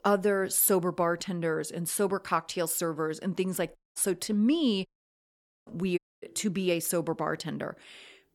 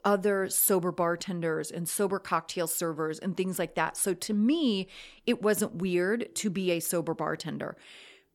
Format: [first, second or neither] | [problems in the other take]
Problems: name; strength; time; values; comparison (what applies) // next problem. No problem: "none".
second | audio cutting out; at 4 s, at 5 s for 1 s and at 6 s